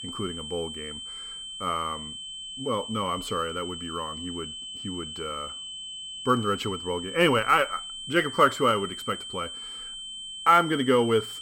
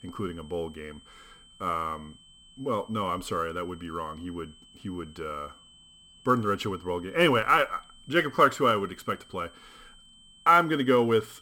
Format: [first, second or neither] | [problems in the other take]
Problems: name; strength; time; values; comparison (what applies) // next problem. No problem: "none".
second | high-pitched whine; loud; throughout; 3 kHz, 9 dB below the speech; faint in the second